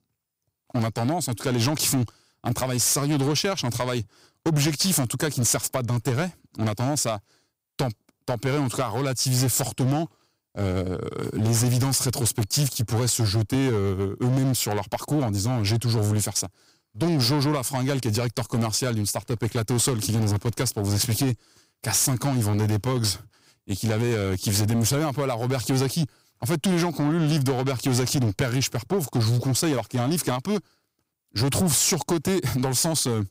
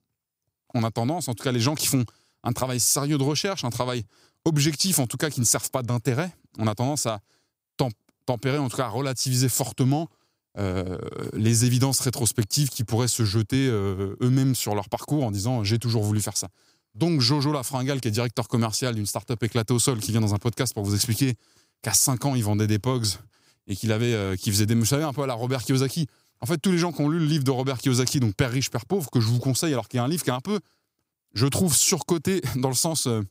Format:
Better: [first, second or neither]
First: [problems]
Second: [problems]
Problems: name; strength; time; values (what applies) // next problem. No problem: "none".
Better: second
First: distortion; slight; 12% of the sound clipped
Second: none